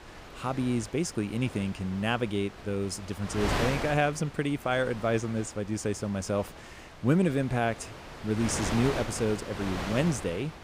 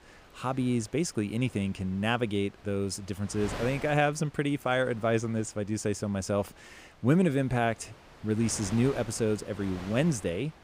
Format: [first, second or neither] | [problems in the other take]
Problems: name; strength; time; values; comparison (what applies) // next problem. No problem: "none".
second | wind noise on the microphone; heavy; 7 dB below the speech; occasional gusts in the second